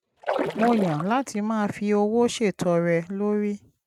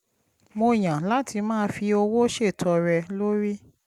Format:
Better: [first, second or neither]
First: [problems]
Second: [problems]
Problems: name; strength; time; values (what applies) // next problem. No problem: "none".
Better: second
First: noise reduction (neural mask model RNNoise)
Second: none